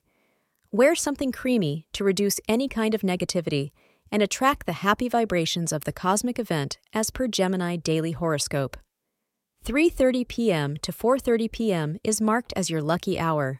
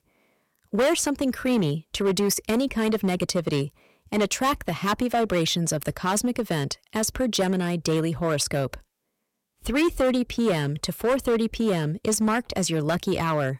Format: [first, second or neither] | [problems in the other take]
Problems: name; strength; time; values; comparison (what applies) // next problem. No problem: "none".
first | distortion; slight; 8% of the sound clipped